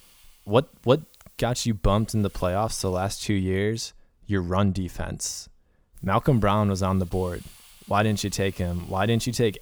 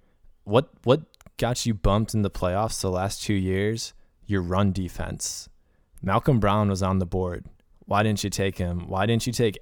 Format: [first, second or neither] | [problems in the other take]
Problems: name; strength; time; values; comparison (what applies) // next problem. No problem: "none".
second | hiss; faint; until 3 s and from 6 s on; 25 dB below the speech